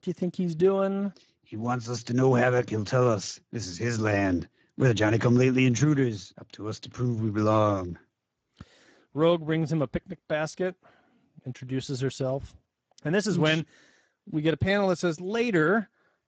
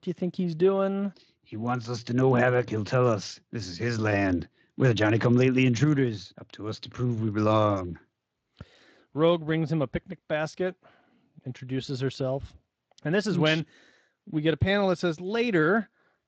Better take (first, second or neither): second